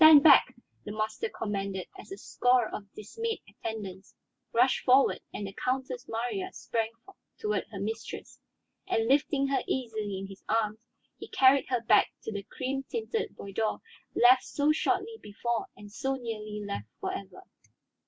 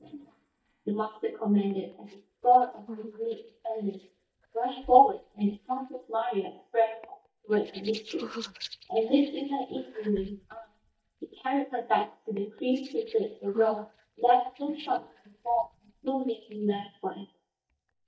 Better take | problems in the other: first | noise reduction (neural mask model DeepFilterNet 3)

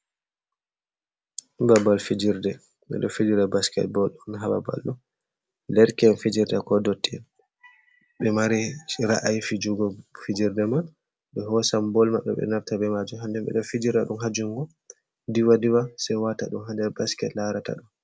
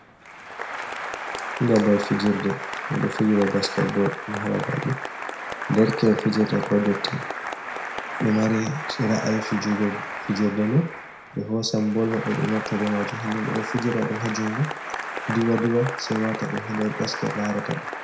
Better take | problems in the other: first | background sound (Applause); 8 dB below the speech // room echo; dies away in 0.4 s

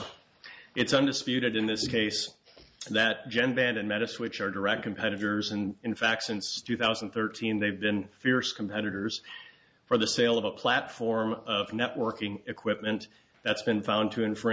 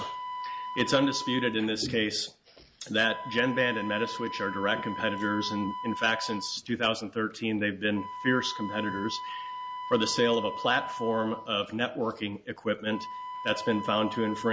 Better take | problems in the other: first | background sound (Wind instrument, woodwind instrument); 9 dB below the speech

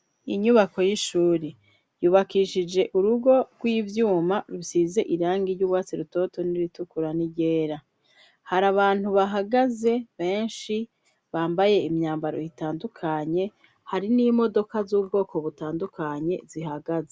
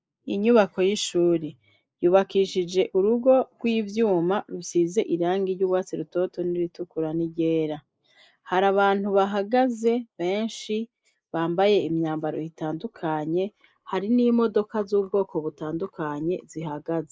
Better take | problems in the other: first | noise reduction (neural mask model Resemble Enhance denoiser)

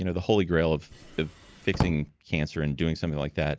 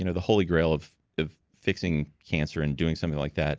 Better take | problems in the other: second | background sound (Drawer open or close); 6 dB below the speech

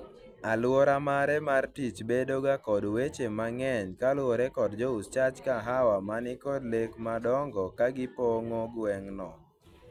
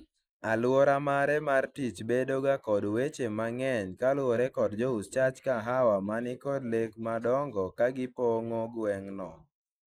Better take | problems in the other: first | noise reduction (neural mask model Resemble Enhance denoiser)

